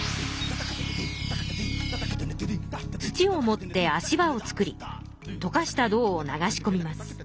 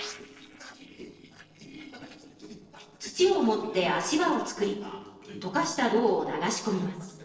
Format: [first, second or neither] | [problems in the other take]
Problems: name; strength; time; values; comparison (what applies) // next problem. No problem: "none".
first | noise reduction (neural separator model SepFormer DNS4)